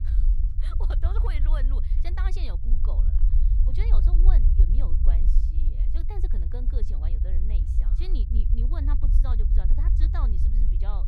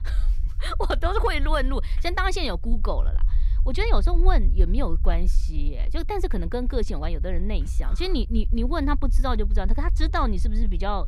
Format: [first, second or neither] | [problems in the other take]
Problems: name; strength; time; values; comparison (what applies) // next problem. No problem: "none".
second | low rumble; loud; throughout; 3 dB below the speech; faint in the second